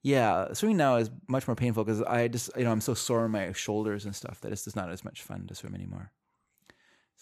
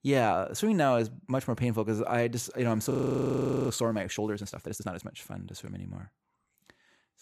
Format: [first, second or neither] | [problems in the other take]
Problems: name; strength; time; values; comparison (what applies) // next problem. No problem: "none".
first | audio freezing; at 3 s for 1 s